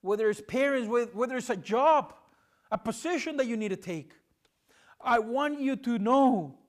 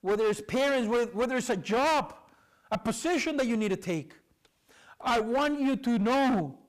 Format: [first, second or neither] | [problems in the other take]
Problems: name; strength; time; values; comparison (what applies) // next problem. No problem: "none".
first | distortion; heavy; 18% of the sound clipped